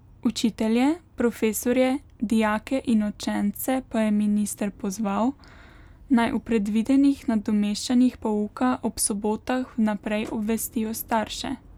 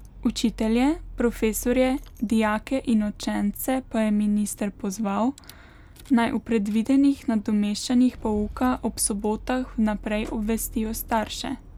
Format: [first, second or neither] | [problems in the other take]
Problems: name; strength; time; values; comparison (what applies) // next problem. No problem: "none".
first | background sound (Rattle / Engine starting / Car); 17 dB below the speech